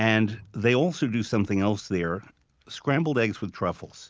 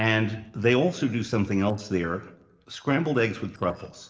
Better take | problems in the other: first | noise reduction (neural separator model SepFormer DNS4)

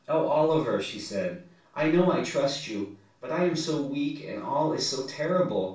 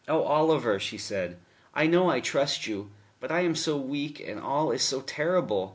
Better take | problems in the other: second | room echo; dies away in 0.4 s

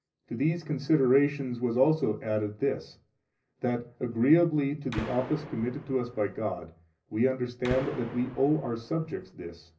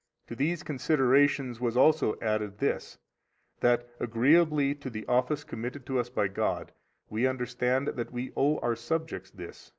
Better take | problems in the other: second | background sound (Gunshot, gunfire); 13 dB below the speech // room echo; dies away in 0.4 s

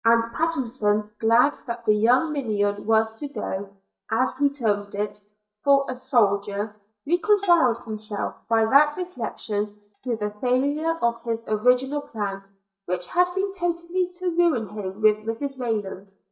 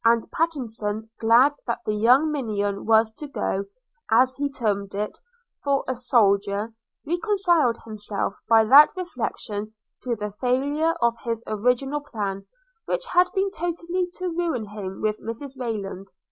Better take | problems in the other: second | noise reduction (neural mask model DeepFilterNet 3)

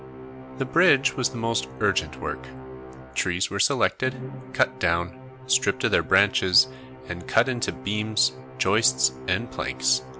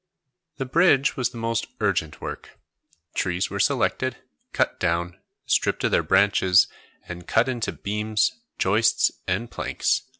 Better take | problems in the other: second | background sound (Musical instrument); 14 dB below the speech

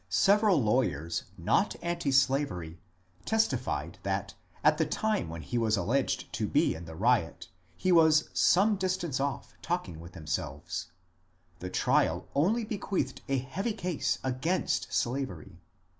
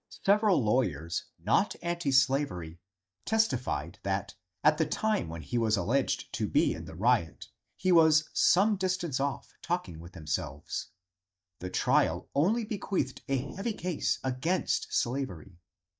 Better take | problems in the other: first | noise reduction (neural mask model DeepFilterNet 3)

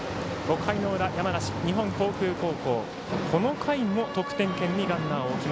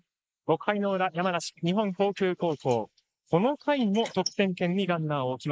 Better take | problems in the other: first | noise reduction (neural mask model Resemble Enhance denoiser)

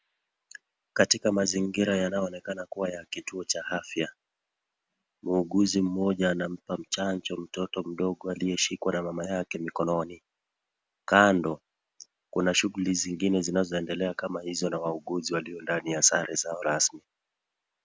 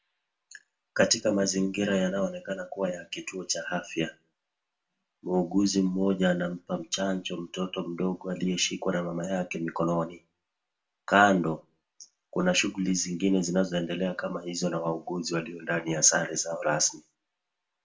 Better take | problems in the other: first | room echo; dies away in 0.2 s

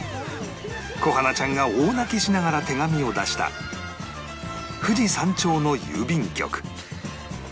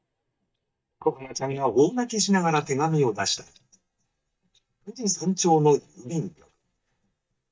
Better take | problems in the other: first | noise reduction (neural mask model DeepFilterNet 3)

